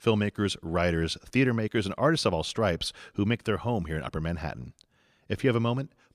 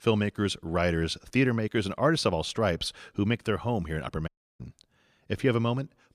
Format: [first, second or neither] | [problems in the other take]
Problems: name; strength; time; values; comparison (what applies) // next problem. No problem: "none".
first | audio cutting out; at 4.5 s